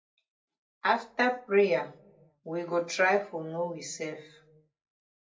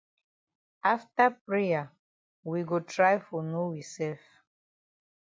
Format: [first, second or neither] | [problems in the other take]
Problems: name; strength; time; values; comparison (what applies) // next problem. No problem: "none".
second | room echo; dies away in 0.2 s